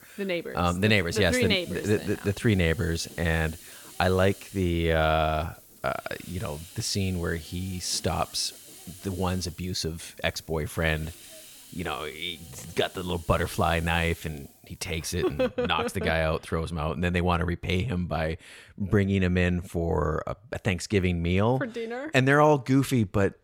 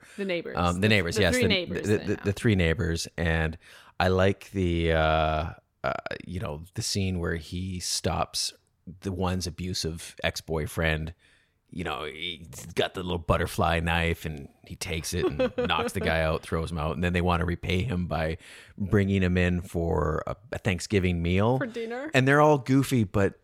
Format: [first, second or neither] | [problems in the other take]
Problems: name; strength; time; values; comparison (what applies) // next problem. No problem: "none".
second | hiss; noticeable; until 15 s; 20 dB below the speech